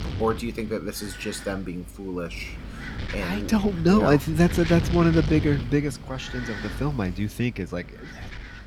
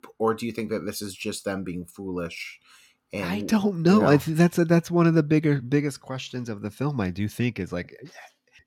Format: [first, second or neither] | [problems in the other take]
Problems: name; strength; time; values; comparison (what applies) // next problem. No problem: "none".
second | wind noise on the microphone; heavy; 10 dB below the speech